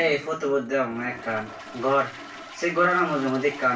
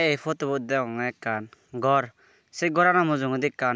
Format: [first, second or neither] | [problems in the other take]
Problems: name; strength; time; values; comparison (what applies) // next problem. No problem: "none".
second | background sound (Toilet flush); 17 dB below the speech // room echo; dies away in 0.3 s